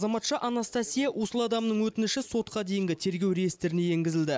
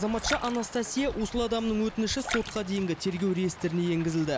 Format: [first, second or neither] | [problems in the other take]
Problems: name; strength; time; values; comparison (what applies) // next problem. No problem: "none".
first | background sound (Splash, splatter + Rain); 11 dB below the speech